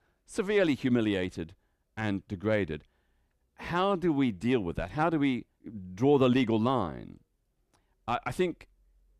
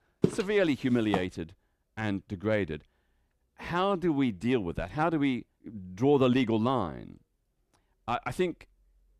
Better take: first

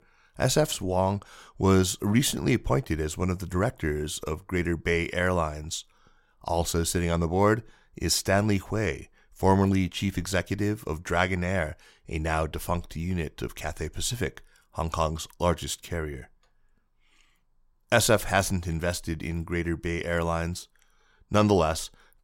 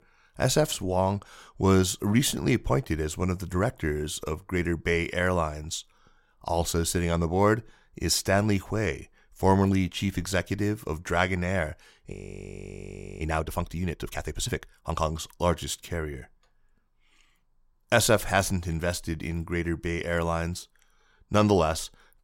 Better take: first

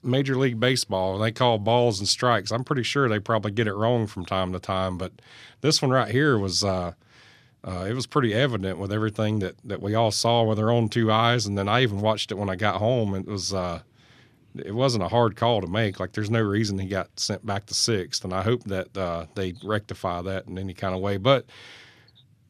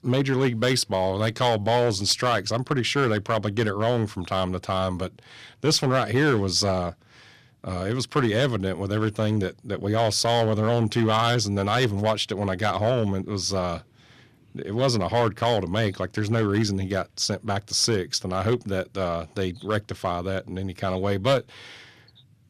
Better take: first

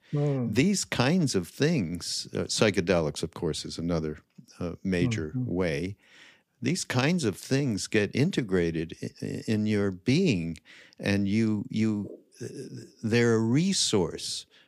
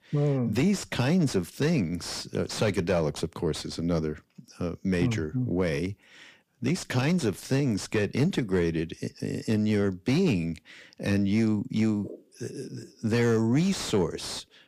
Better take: first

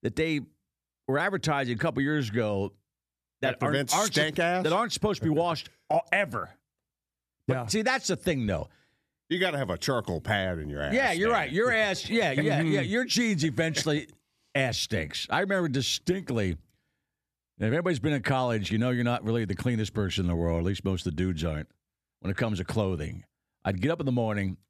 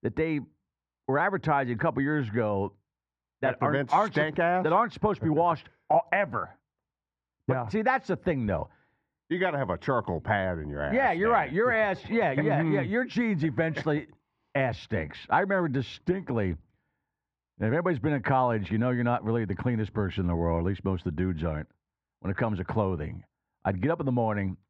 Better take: first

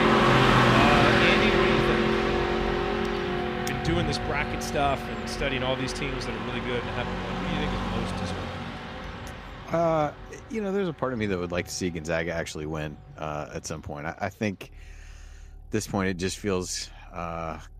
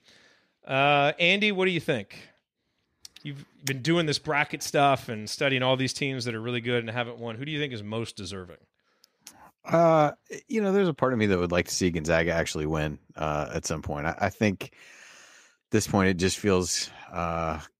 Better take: second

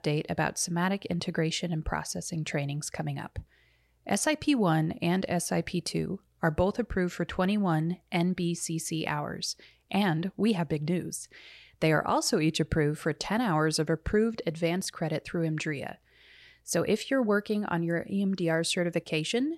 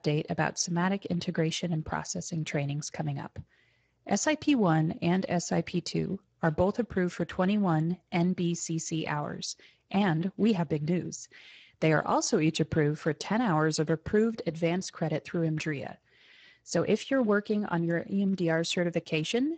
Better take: first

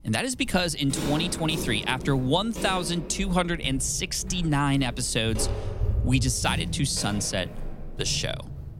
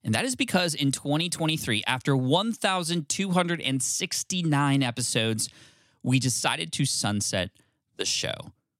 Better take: second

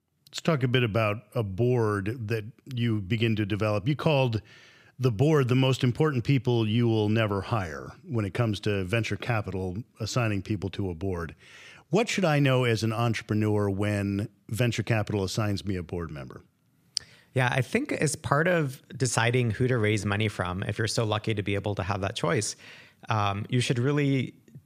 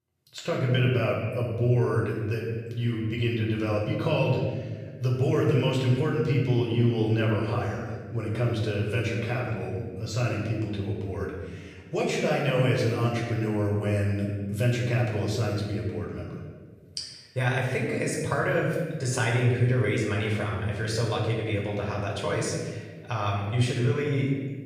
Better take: first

